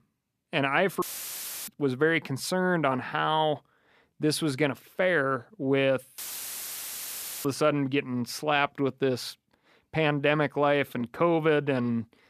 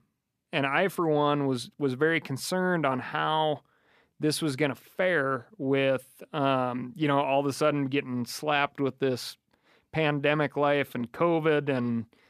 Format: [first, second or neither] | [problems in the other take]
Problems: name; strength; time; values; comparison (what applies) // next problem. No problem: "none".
second | audio cutting out; filled with static; at 1 s for 0.5 s and at 6 s for 1.5 s